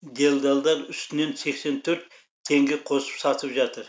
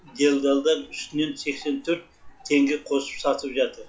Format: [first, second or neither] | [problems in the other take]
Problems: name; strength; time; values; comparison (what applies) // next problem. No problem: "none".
first | noise reduction (classical method log-MMSE)